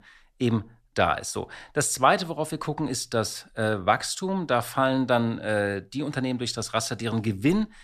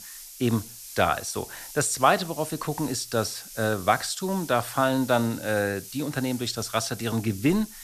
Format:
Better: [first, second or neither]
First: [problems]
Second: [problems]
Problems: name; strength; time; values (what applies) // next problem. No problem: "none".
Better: first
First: none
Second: hiss; noticeable; throughout; 15 dB below the speech